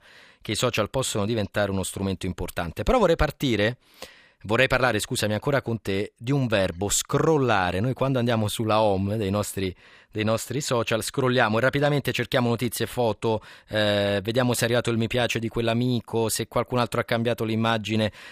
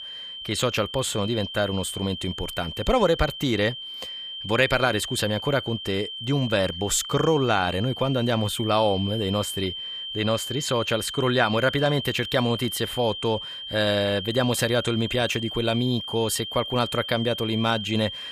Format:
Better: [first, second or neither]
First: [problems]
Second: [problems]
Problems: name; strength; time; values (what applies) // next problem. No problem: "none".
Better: first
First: none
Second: high-pitched whine; loud; throughout; 3 kHz, 8 dB below the speech